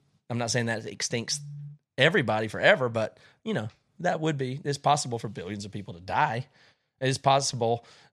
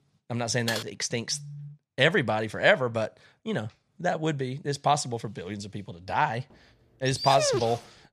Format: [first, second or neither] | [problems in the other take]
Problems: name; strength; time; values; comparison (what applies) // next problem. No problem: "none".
first | keyboard typing; noticeable; at 0.5 s; peak 6 dB below the speech // dog barking; loud; at 7 s; peak 1 dB above the speech